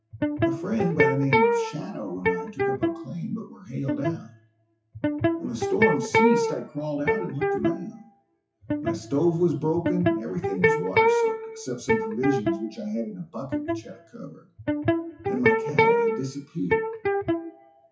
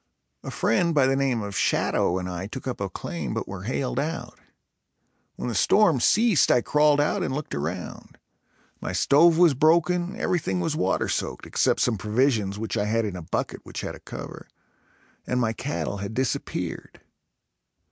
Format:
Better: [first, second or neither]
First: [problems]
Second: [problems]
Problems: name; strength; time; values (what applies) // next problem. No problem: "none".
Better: second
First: noise reduction (classical method WPE with log-MMSE)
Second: none